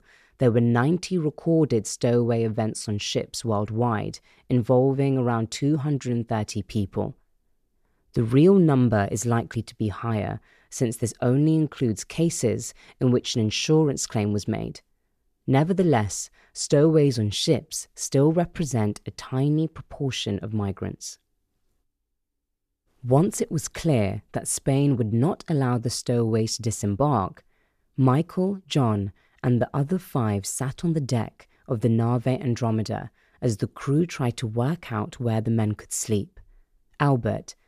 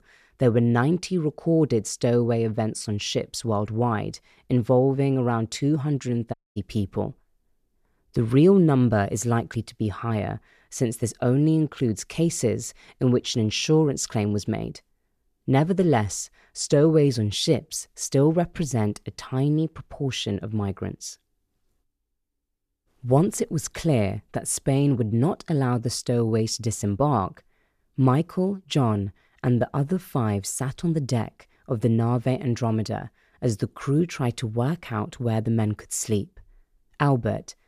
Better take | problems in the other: first | audio cutting out; at 6.5 s

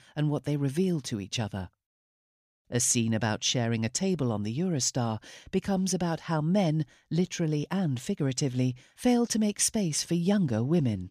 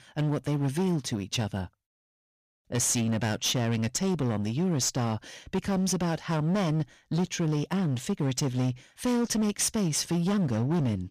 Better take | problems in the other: first | distortion; slight; 18% of the sound clipped

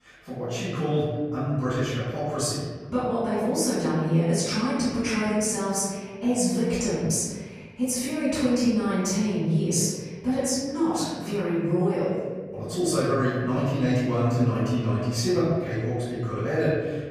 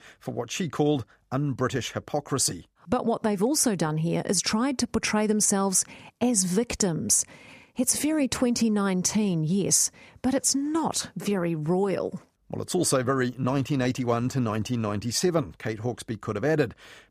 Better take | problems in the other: second | off-mic speech; far // room echo; strong; dies away in 1.4 s

